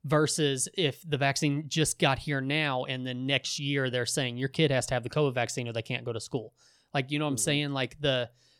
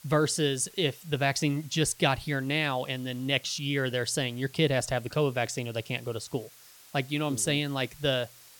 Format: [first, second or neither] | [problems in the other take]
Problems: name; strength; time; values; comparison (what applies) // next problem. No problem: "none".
first | hiss; faint; throughout; 25 dB below the speech